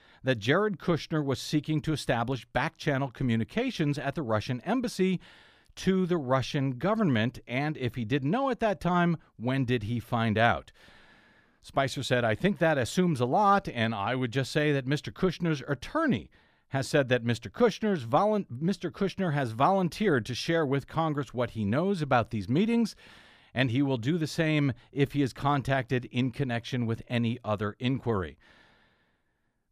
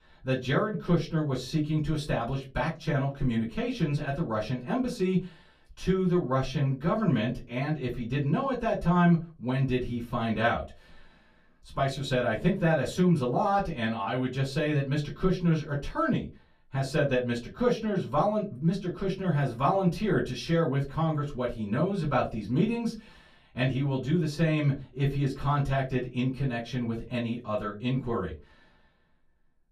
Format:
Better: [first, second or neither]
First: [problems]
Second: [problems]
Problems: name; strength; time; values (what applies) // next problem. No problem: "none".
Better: first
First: none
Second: off-mic speech; far // room echo; very slight; dies away in 0.2 s